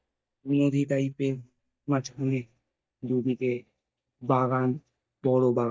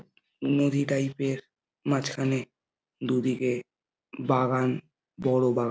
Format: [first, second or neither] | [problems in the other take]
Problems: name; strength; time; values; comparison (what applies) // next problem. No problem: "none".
second | noise reduction (neural mask model DeepFilterNet 3)